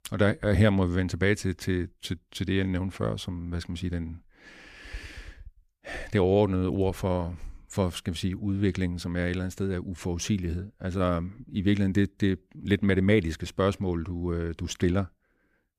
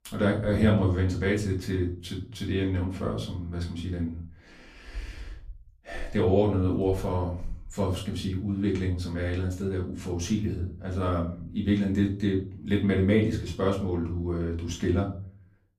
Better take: first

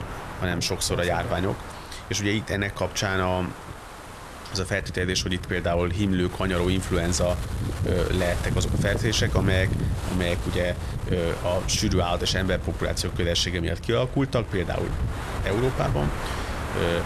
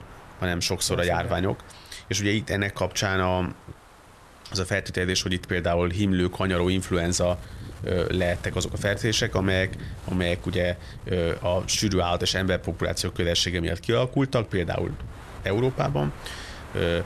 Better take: second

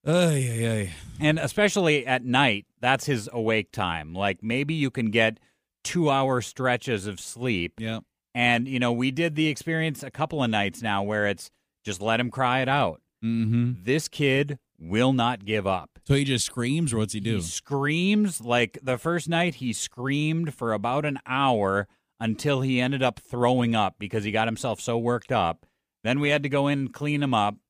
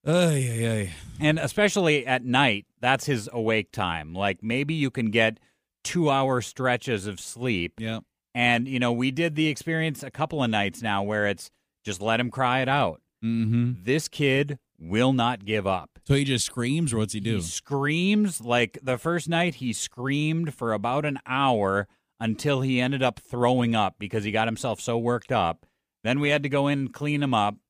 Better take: neither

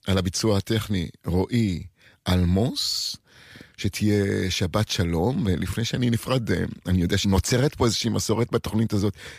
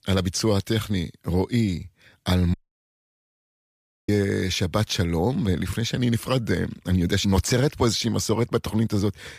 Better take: first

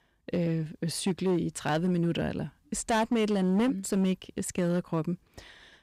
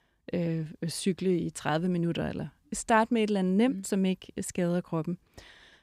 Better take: second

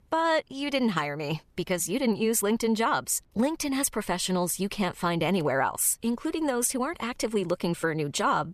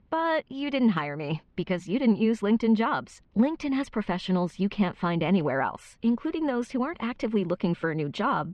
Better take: first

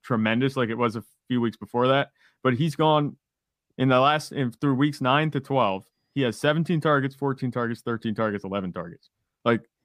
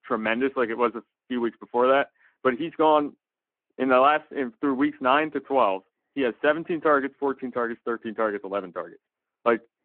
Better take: first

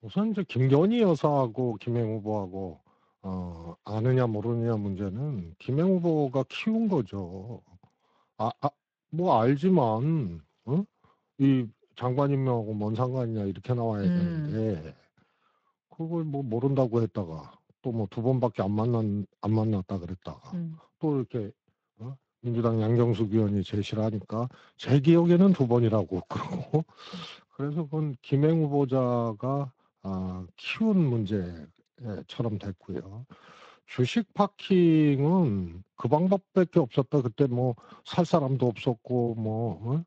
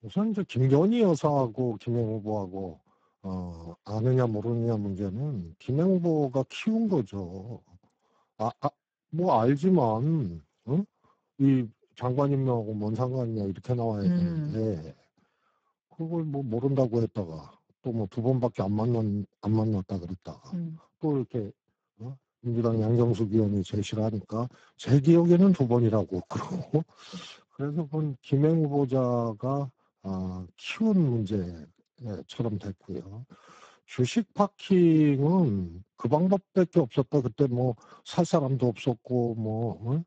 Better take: first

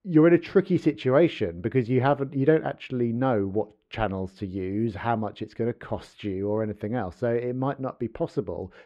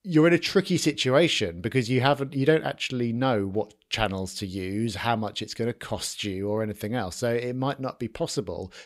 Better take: second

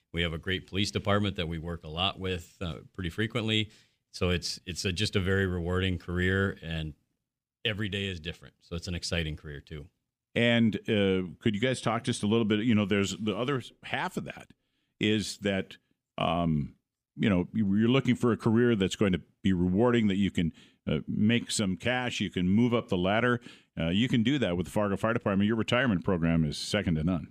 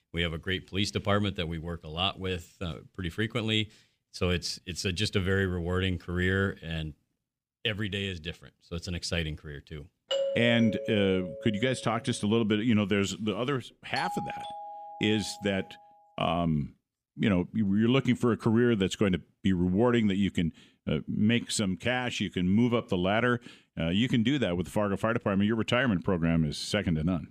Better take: first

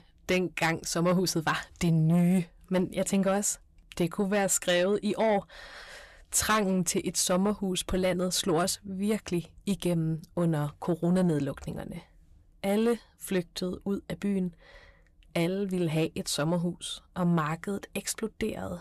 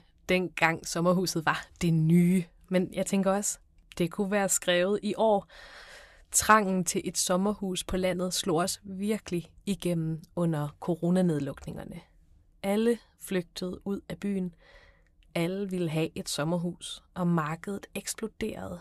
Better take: second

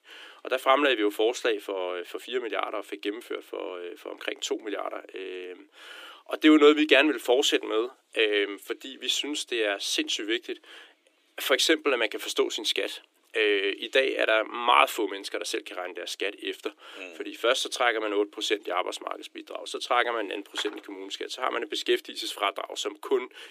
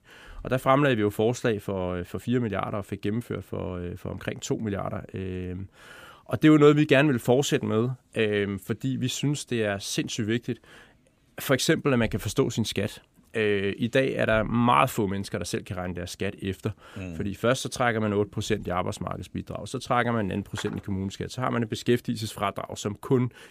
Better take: second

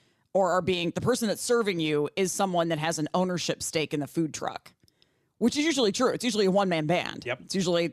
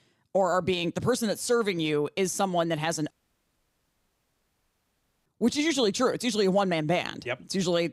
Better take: first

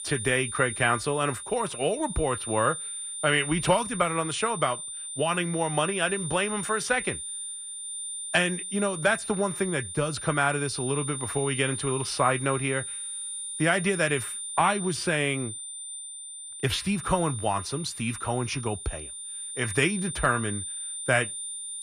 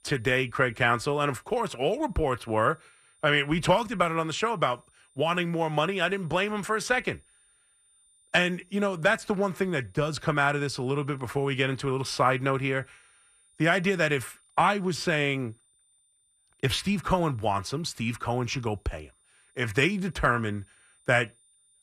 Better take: second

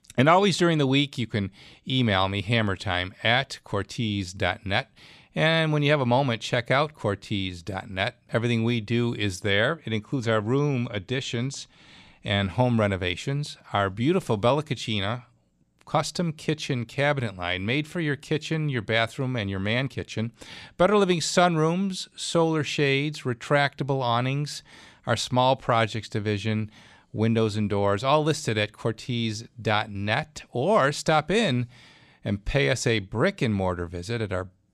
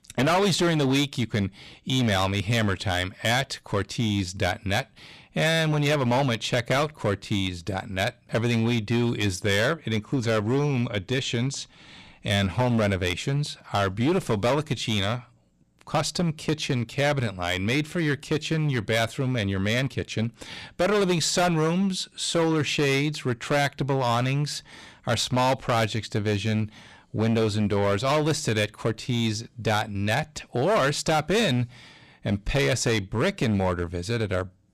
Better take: first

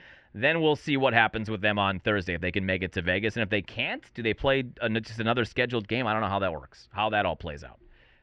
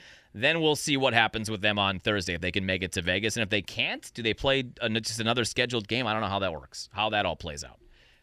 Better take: second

